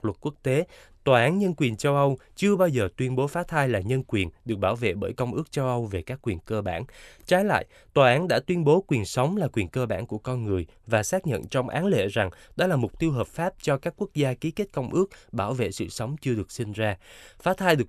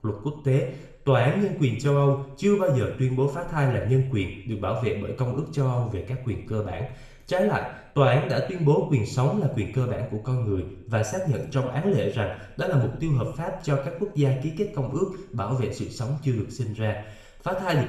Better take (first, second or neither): first